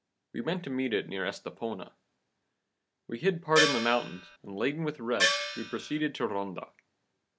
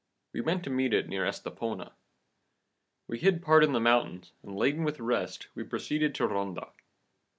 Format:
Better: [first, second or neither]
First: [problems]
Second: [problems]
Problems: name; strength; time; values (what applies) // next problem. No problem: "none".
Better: second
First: background sound (Gong); 2 dB above the speech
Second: none